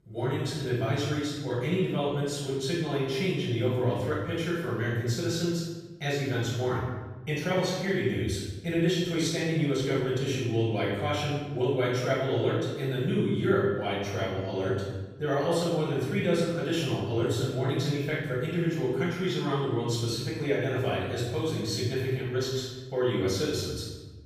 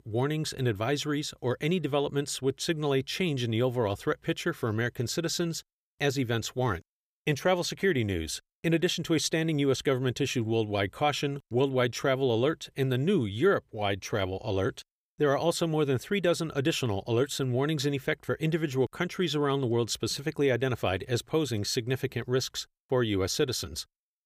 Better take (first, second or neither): second